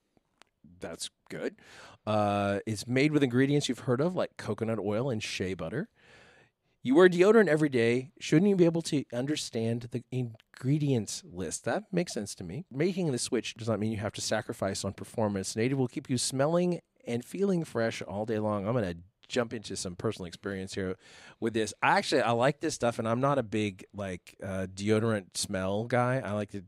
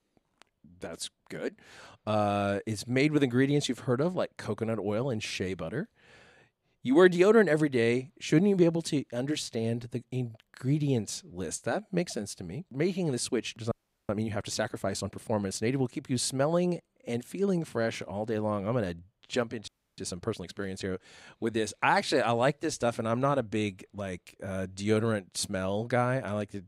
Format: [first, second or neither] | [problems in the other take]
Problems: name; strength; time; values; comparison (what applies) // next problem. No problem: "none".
first | audio freezing; at 14 s and at 20 s